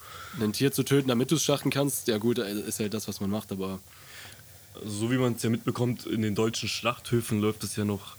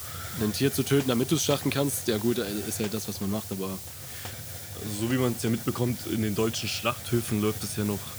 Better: first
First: hiss; faint; throughout; 20 dB below the speech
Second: hiss; loud; throughout; 8 dB below the speech

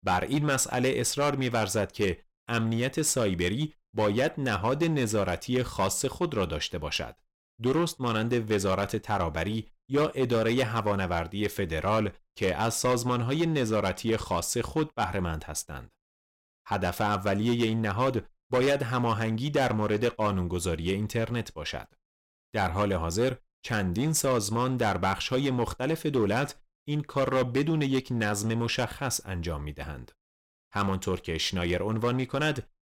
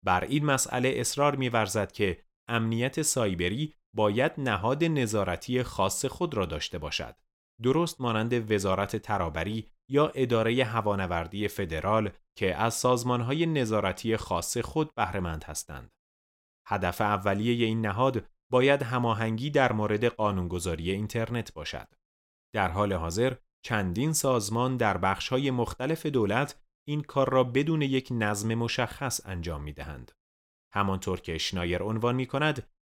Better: second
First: distortion; slight; 6% of the sound clipped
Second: none

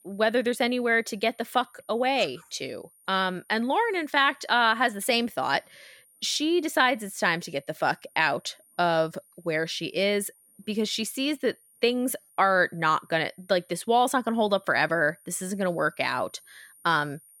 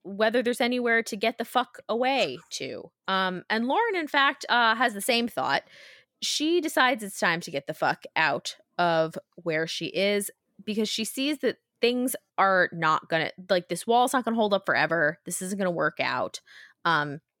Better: second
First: high-pitched whine; faint; throughout; 9.5 kHz, 30 dB below the speech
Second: none

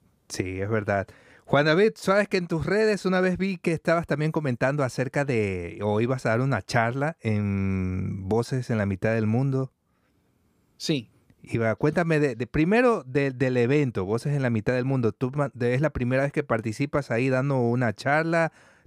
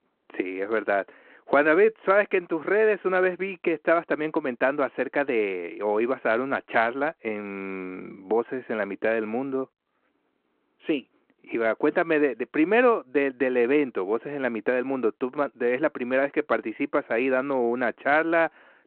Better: first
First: none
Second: phone-call audio; nothing above 4 kHz

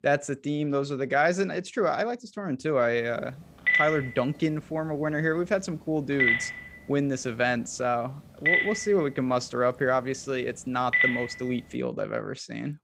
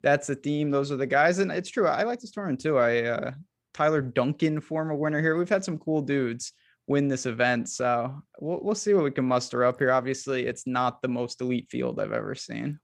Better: second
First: phone ringing; loud; from 3.5 to 11 s; peak 6 dB above the speech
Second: none

